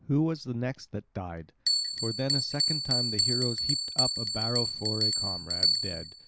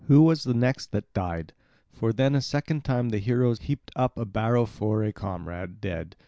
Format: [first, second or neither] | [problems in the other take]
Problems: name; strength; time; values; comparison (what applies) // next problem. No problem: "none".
second | background sound (Bell); 3 dB above the speech